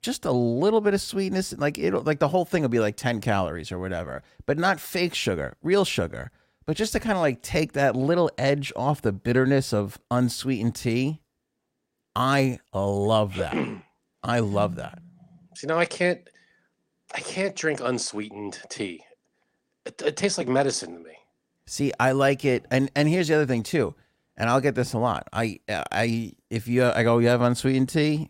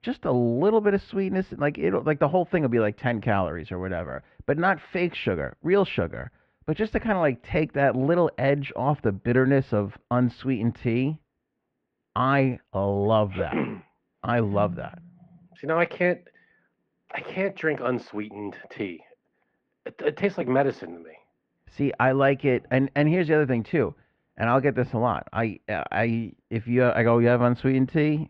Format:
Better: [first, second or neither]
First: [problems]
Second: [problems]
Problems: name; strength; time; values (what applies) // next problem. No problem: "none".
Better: first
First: none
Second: muffled; very; fading above 2.5 kHz